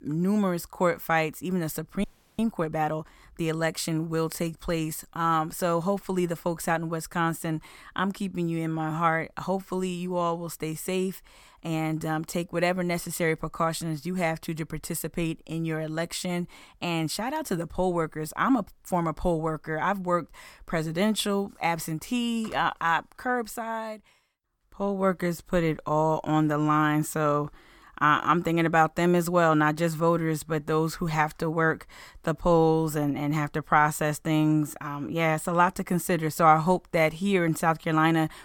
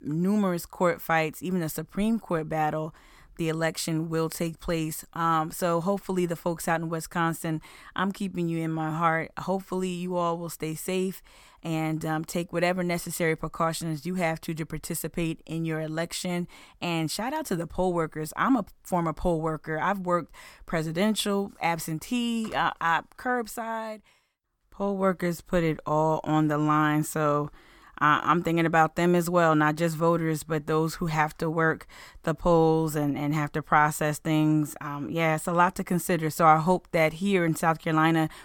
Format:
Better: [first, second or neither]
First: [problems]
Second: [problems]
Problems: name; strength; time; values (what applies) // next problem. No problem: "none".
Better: second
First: audio freezing; at 2 s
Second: none